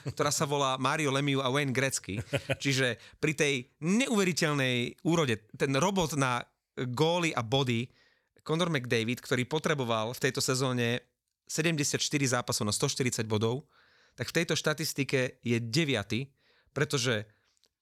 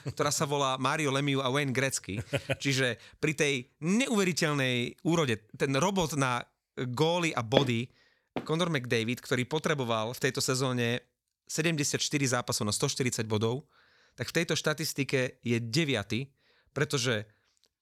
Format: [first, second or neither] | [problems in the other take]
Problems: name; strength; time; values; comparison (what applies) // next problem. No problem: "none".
first | footsteps; noticeable; at 7.5 s; peak 1 dB below the speech